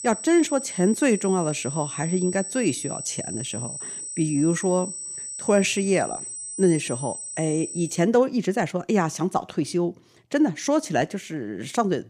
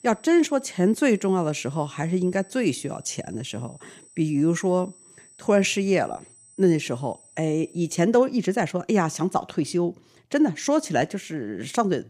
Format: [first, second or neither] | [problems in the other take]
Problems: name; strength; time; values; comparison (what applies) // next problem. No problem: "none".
second | high-pitched whine; loud; until 8 s; 8 kHz, 7 dB below the speech; faint in the second